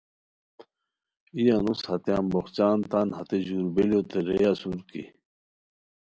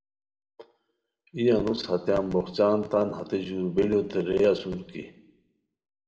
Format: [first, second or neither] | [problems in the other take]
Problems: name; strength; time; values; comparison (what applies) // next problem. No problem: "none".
first | room echo; dies away in 0.7 s